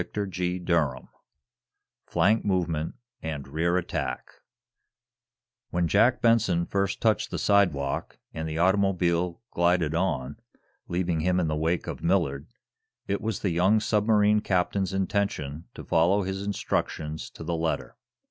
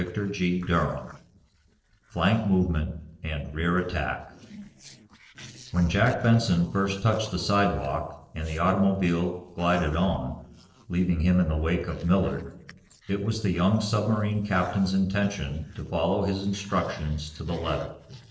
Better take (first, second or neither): first